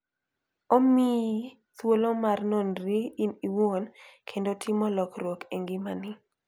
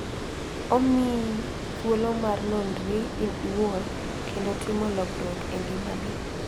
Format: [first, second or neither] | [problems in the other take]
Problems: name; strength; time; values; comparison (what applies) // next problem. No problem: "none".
first | background sound (Water); 4 dB below the speech